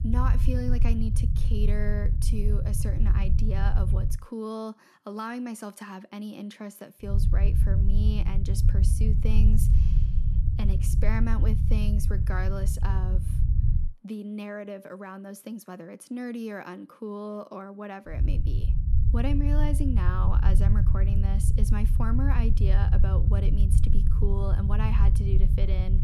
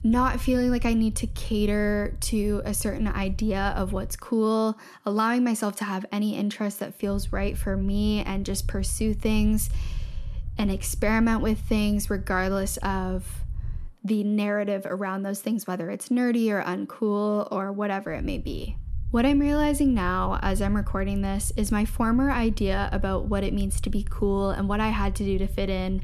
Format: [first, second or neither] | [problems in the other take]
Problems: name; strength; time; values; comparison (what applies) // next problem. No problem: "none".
second | low rumble; loud; until 4 s, from 7 to 14 s and from 18 s on; 4 dB below the speech; faint in the second